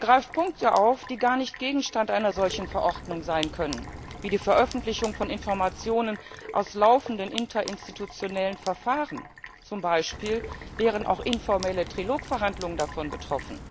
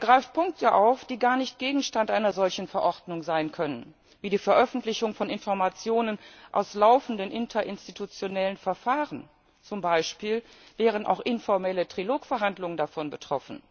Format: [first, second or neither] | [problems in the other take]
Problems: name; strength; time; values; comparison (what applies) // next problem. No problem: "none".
second | background sound (Crack + Sink (filling or washing)); 13 dB below the speech